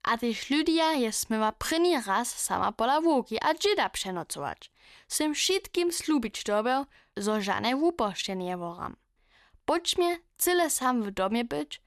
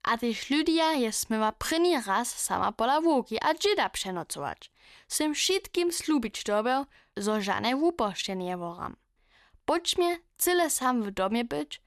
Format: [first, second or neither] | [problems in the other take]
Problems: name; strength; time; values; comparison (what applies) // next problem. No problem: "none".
neither | none